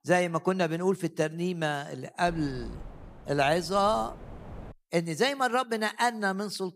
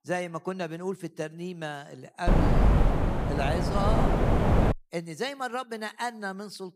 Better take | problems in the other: first | wind noise on the microphone; heavy; from 2.5 to 4.5 s; 3 dB above the speech; occasional gusts in the first

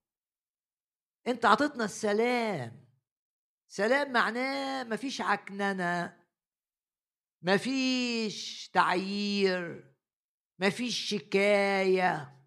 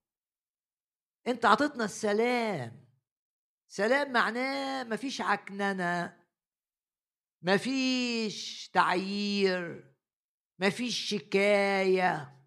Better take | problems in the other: neither | none

